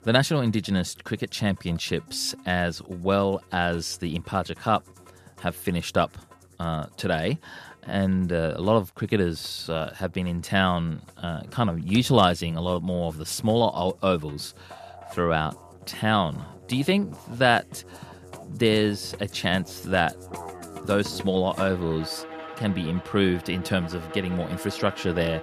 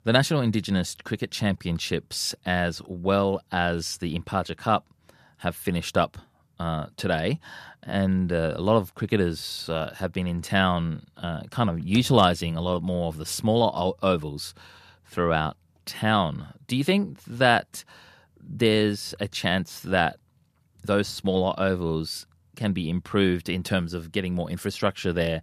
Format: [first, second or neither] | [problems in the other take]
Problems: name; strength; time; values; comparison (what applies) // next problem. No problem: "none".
second | background music; noticeable; throughout; 20 dB below the speech